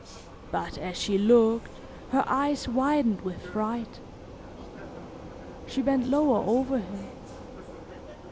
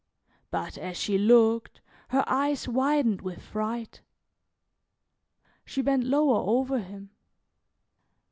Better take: second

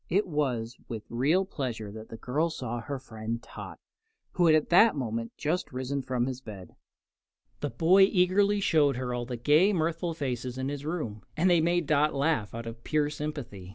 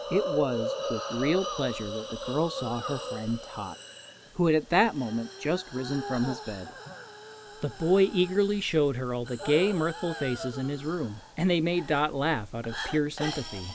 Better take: first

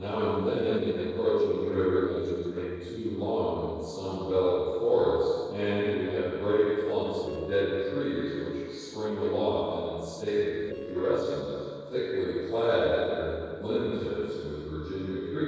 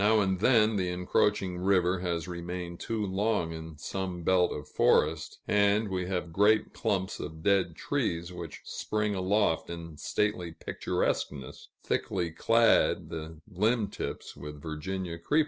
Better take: second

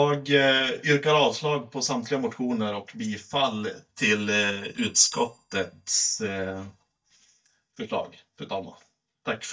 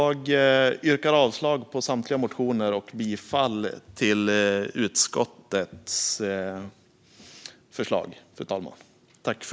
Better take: second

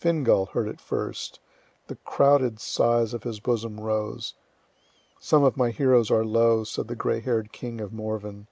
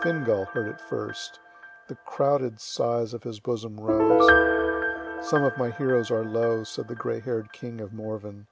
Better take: first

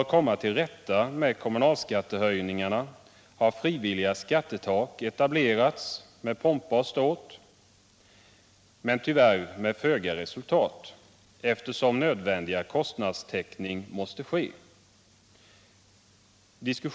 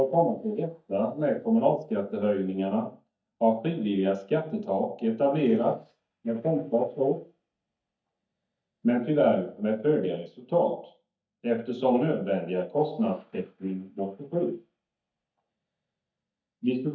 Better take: first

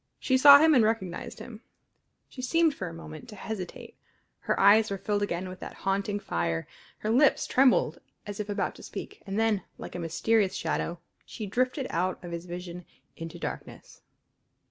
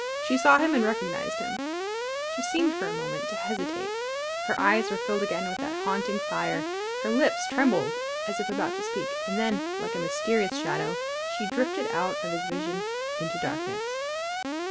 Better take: first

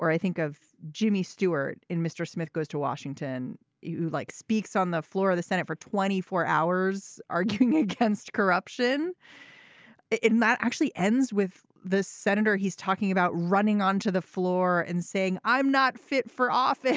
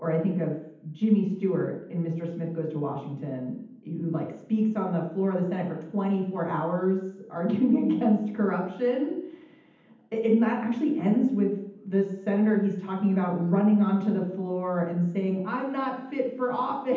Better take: first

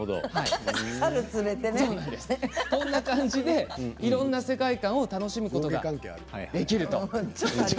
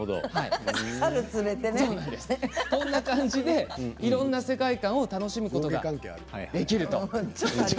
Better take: second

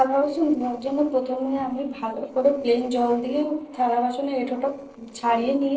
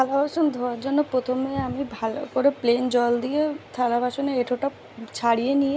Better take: second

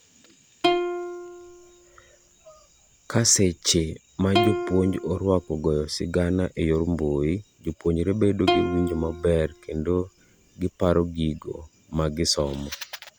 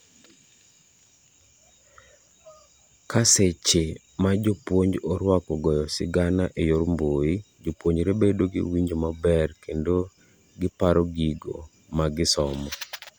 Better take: second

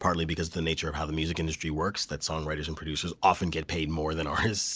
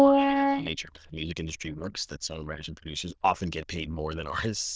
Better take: first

